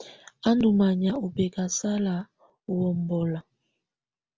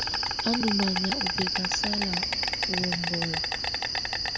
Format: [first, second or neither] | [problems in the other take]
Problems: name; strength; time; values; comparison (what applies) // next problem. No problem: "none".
first | background sound (Insect); 4 dB above the speech